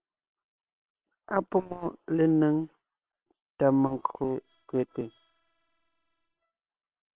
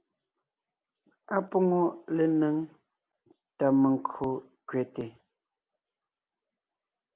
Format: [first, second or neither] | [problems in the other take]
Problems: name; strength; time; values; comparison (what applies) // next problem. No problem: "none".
second | noise reduction (neural separator model SepFormer WHAM!)